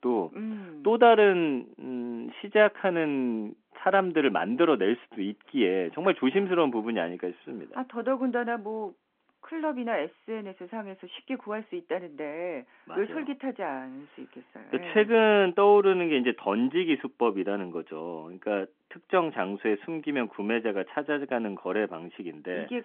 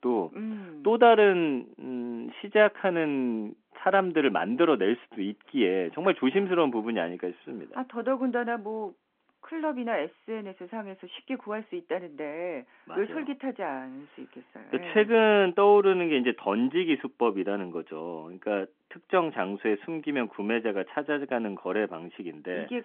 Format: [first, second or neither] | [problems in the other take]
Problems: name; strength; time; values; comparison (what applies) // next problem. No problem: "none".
neither | phone-call audio; nothing above 3.5 kHz; the same in both